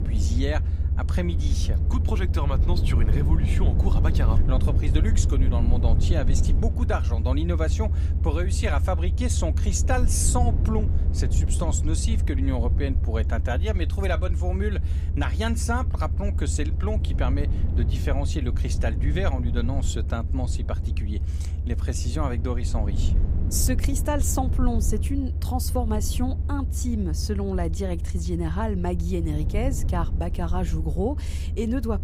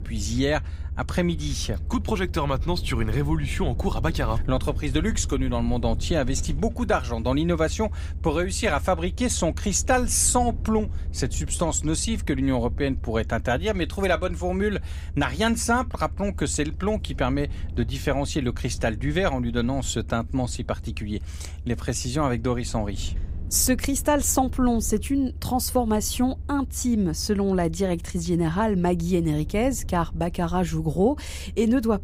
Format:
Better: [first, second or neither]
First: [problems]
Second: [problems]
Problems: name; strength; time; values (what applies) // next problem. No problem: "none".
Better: second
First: low rumble; loud; throughout; 9 dB below the speech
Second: low rumble; faint; throughout; 25 dB below the speech